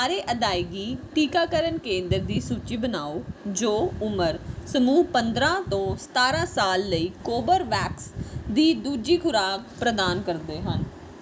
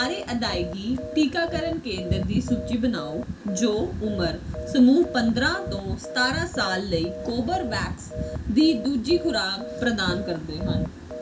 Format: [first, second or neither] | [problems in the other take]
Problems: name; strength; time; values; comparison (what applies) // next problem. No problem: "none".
first | background sound (Telephone); 13 dB below the speech // room echo; dies away in 0.2 s